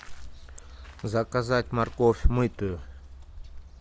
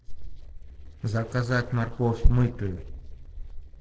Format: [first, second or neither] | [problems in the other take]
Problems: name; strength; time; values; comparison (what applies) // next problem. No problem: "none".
first | noise reduction (neural separator model SepFormer DNS4)